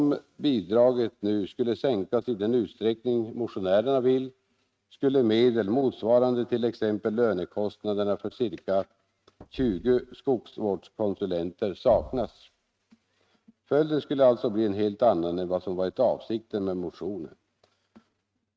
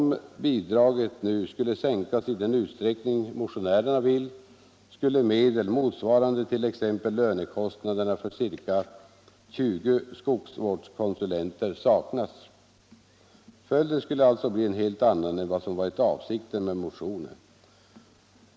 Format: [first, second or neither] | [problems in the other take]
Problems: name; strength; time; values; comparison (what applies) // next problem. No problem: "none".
second | noise reduction (neural mask model RNNoise)